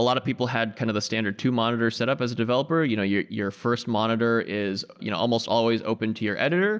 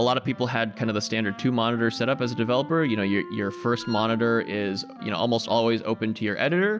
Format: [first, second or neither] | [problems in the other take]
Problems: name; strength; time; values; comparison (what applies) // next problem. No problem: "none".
first | background sound (Wind instrument, woodwind instrument + Wind instrument, woodwind instrument); 17 dB below the speech